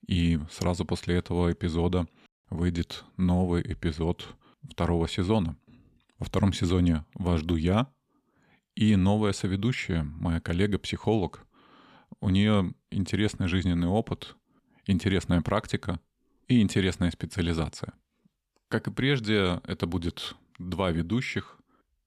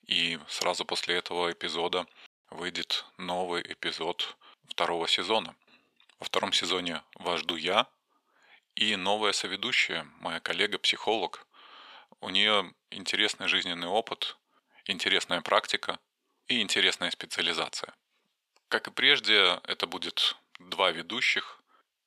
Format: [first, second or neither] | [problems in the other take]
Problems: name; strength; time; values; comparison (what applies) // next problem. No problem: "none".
first | thin; very; fading below 650 Hz